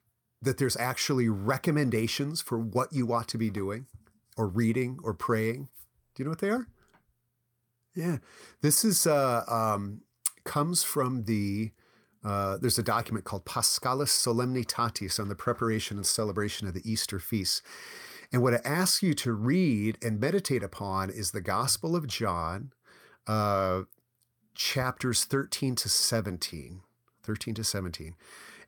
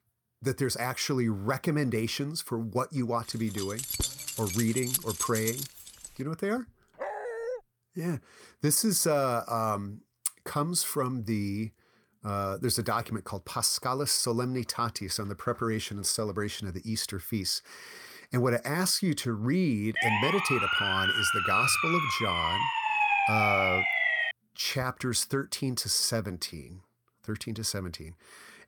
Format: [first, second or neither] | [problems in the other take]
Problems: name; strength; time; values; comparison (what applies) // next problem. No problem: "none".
first | jangling keys; loud; from 3.5 to 6 s; peak 1 dB above the speech // dog barking; noticeable; at 7 s; peak 5 dB below the speech // siren; loud; from 20 to 24 s; peak 6 dB above the speech